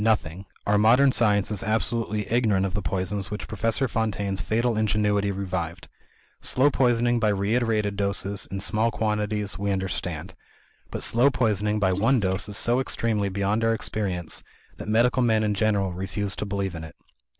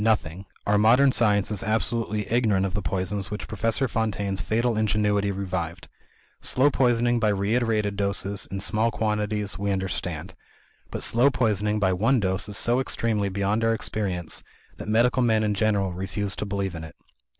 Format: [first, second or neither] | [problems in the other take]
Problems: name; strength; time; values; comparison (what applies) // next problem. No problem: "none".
second | noise reduction (neural mask model Resemble Enhance denoiser)